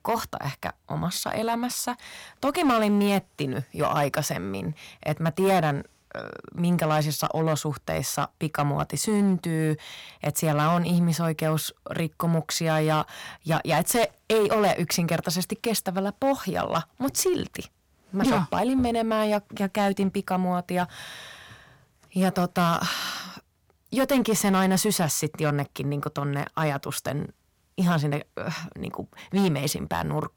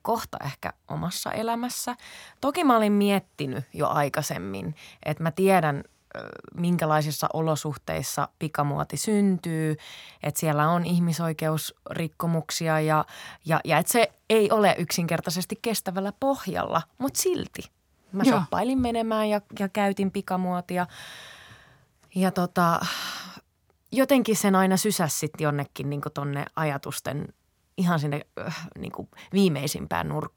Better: second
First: distortion; slight; 6% of the sound clipped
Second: none

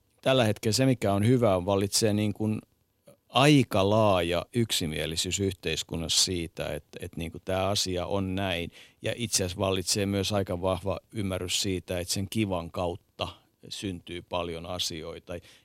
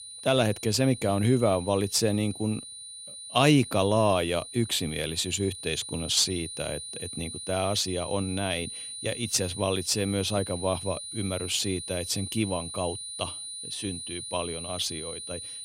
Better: first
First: none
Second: high-pitched whine; loud; throughout; 9.5 kHz, 9 dB below the speech

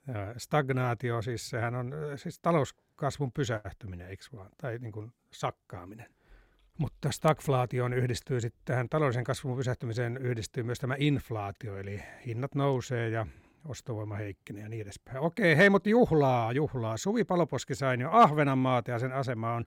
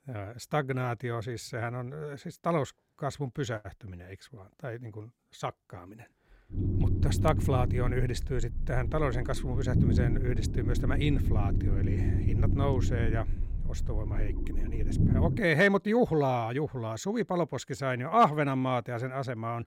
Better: first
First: none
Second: low rumble; loud; from 6.5 to 15 s; 10 dB below the speech

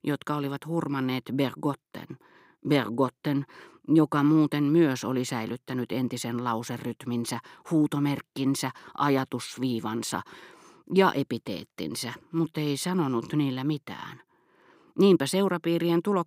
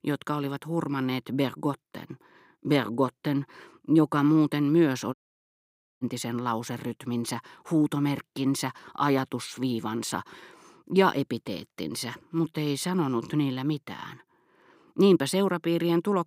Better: first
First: none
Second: audio cutting out; at 5 s for 1 s

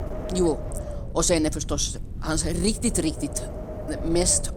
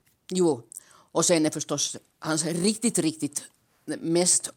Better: second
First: wind noise on the microphone; occasional gusts; 10 dB below the speech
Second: none

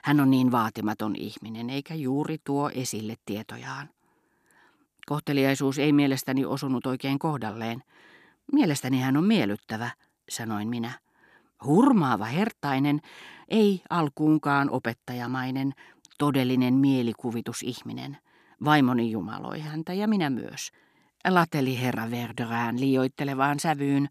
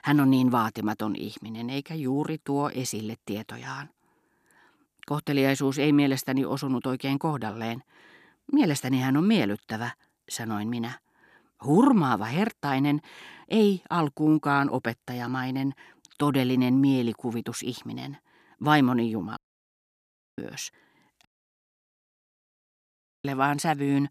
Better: first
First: none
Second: audio cutting out; at 19 s for 1 s and at 21 s for 2 s

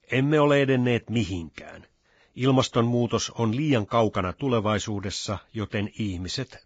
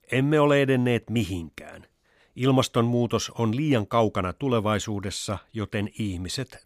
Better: second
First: garbled, watery; badly; nothing above 7.5 kHz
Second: none

